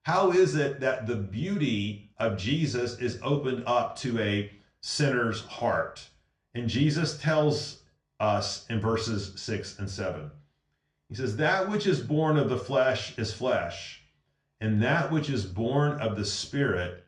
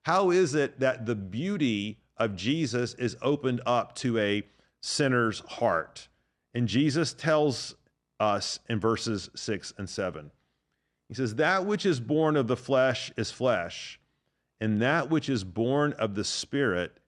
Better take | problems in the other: second | room echo; very slight; dies away in 0.3 s // off-mic speech; somewhat distant

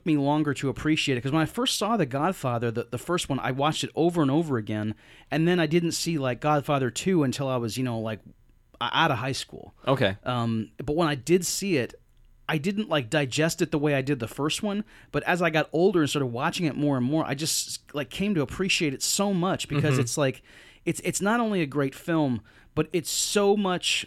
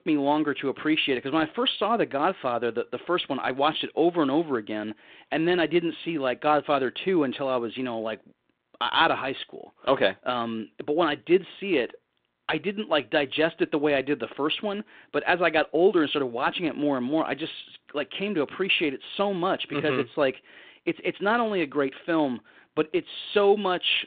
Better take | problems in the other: first | phone-call audio; nothing above 3.5 kHz

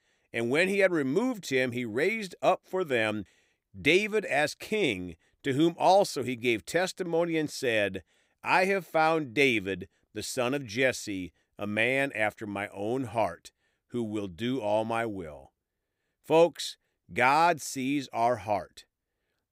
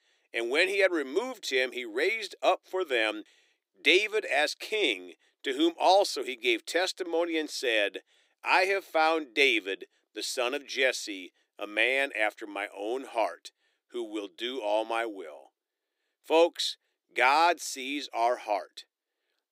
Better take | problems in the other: first | thin; somewhat; fading below 300 Hz

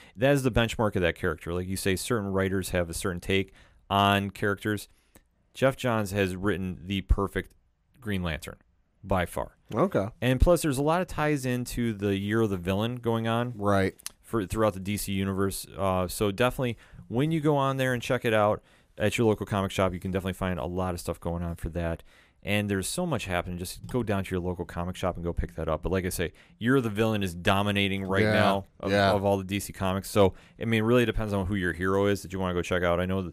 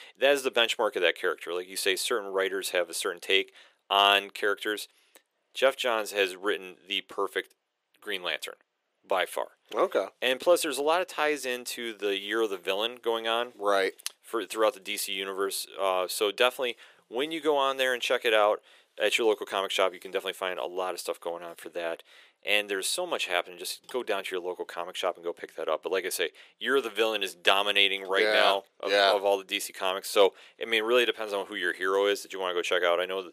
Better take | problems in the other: first | thin; very; fading below 400 Hz

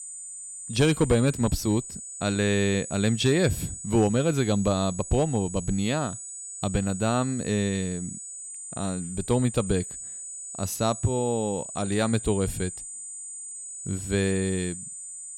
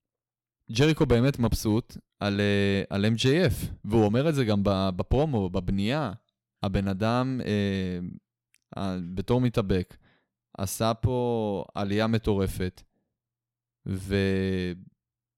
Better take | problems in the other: second | high-pitched whine; loud; throughout; 8 kHz, 9 dB below the speech

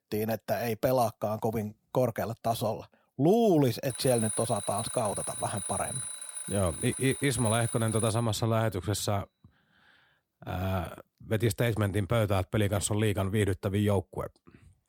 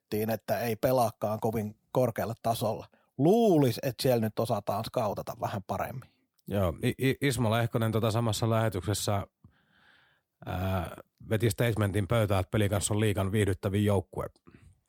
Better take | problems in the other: second | alarm; noticeable; from 4 to 8 s; peak 3 dB below the speech

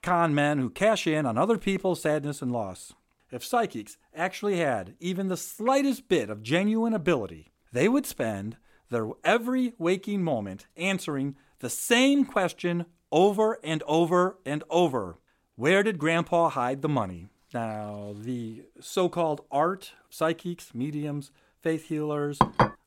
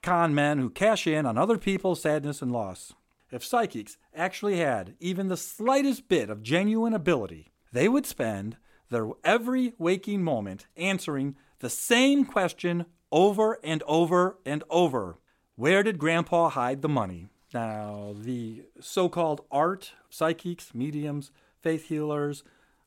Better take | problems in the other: second | clattering dishes; loud; at 22 s; peak 4 dB above the speech

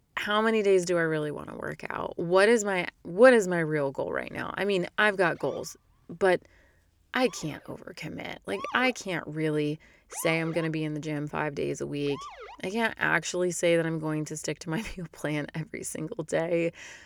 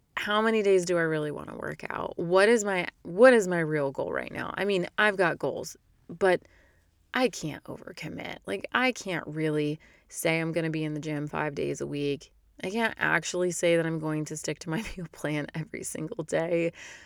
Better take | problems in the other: second | siren; faint; from 5.5 to 13 s; peak 10 dB below the speech

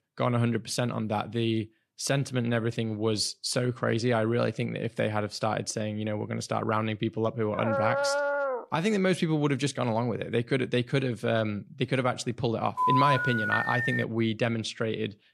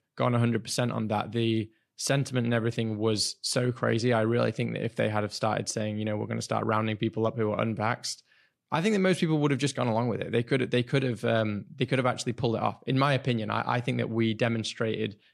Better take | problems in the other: second | dog barking; loud; from 7.5 to 8.5 s; peak 1 dB above the speech // phone ringing; loud; from 13 to 14 s; peak 5 dB above the speech

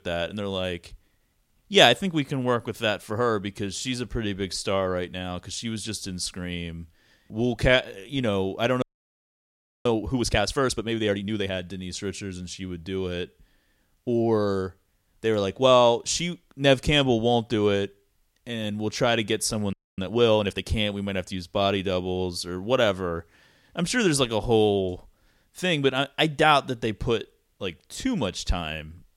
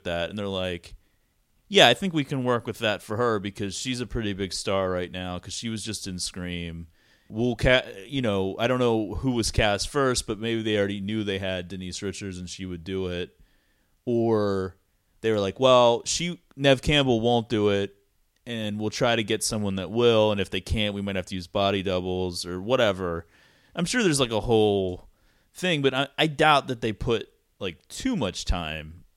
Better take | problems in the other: second | audio freezing; at 9 s for 1 s and at 20 s

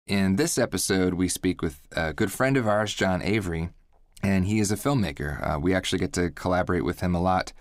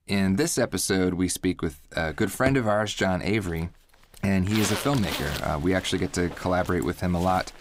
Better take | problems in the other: first | household noises; loud; throughout; 10 dB below the speech

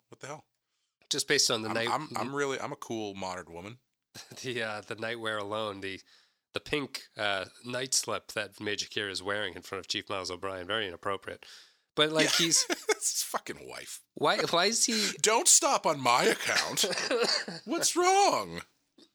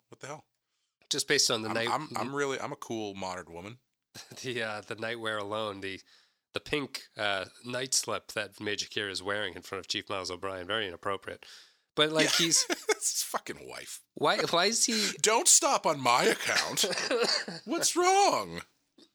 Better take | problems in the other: neither | thin; very slightly; fading below 400 Hz; the same in both

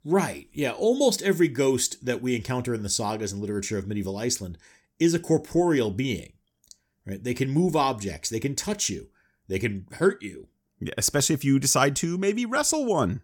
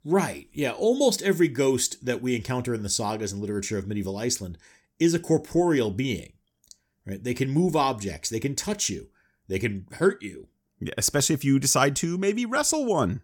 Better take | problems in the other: neither | none

